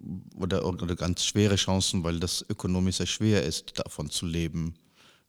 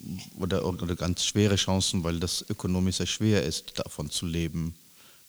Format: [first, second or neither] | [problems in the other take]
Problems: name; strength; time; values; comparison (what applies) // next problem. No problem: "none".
first | hiss; faint; throughout; 25 dB below the speech